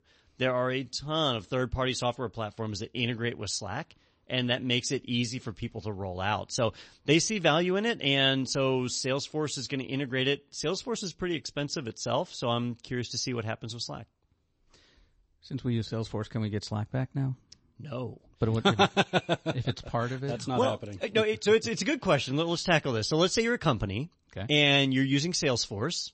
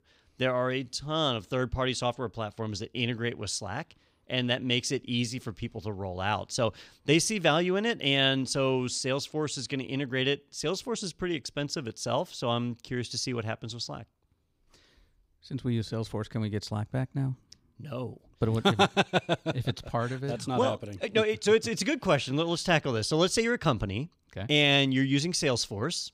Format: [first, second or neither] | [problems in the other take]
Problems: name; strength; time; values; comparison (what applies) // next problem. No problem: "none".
second | garbled, watery; slightly; nothing above 8 kHz